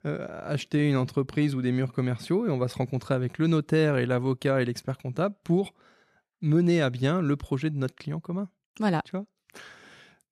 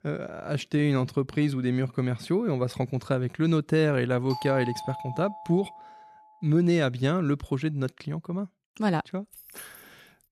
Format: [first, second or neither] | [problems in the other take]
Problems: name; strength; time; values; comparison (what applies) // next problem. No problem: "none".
first | doorbell; noticeable; from 4.5 to 6 s; peak 9 dB below the speech // jangling keys; faint; at 9.5 s; peak 15 dB below the speech